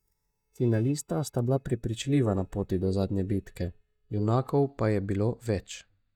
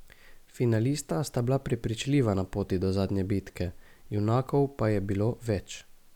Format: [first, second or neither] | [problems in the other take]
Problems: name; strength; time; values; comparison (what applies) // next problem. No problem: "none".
second | noise reduction (neural mask model DeepFilterNet 3)